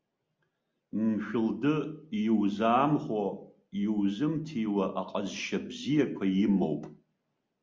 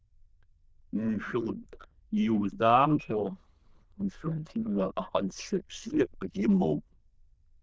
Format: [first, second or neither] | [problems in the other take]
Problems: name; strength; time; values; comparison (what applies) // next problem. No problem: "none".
first | noise reduction (neural diffusion model UNIVERSE++)